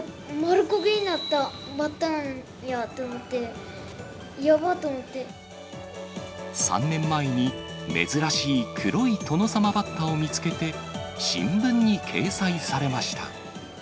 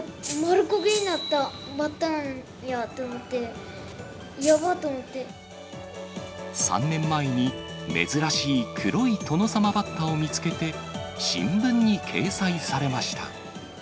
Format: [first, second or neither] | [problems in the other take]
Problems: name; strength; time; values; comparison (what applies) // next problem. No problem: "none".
first | background sound (Rattle (instrument)); 9 dB below the speech